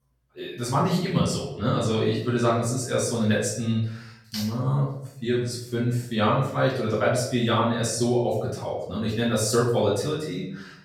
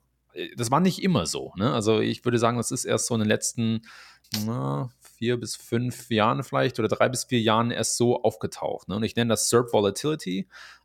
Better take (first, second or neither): second